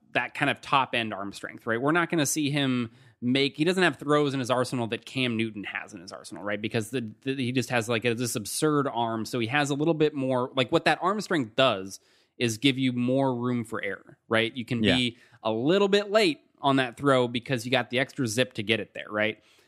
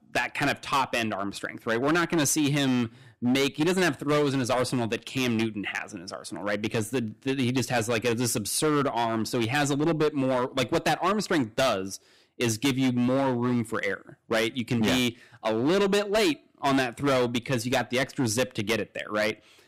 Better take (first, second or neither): first